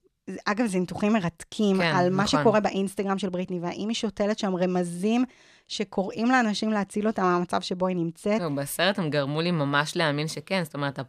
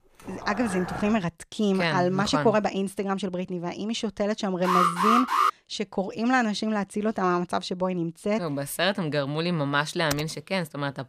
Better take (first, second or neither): first